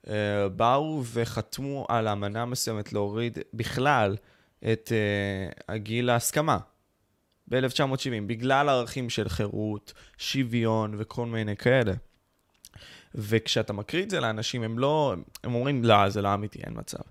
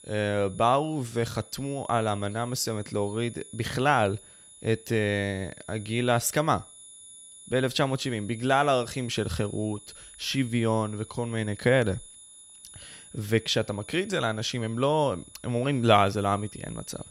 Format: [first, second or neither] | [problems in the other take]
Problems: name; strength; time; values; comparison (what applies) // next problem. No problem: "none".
first | high-pitched whine; noticeable; throughout; 10 kHz, 20 dB below the speech